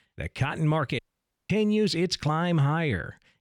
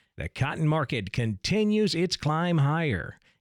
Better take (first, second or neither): second